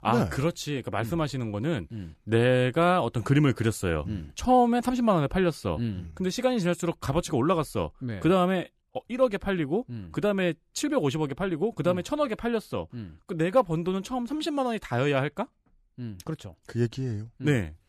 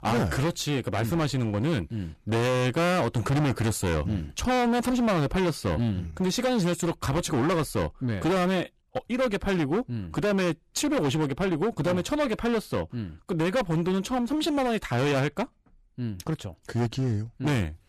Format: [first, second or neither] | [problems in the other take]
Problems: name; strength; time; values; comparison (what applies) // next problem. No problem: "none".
first | distortion; heavy; 23% of the sound clipped